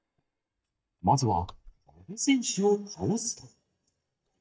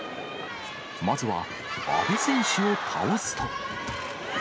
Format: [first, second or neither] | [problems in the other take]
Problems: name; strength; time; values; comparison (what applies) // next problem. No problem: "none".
second | noise reduction (neural mask model DeepFilterNet 3)